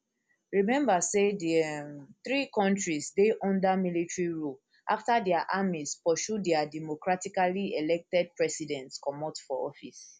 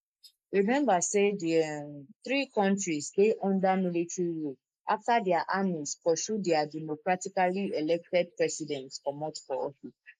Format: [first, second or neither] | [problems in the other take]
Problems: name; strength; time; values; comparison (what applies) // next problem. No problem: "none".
first | noise reduction (neural mask model Resemble Enhance denoiser)